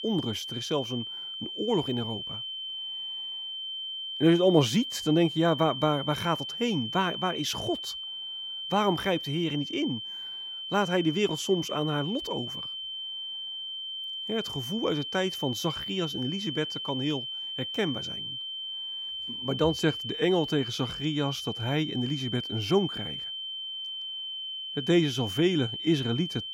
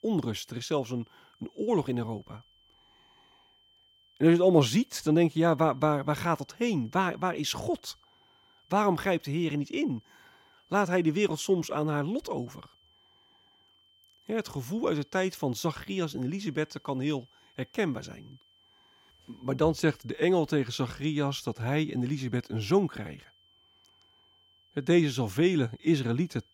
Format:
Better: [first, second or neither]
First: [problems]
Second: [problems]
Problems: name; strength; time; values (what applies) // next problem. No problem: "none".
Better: second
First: high-pitched whine; loud; throughout; 3 kHz, 5 dB below the speech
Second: high-pitched whine; faint; throughout; 3 kHz, 35 dB below the speech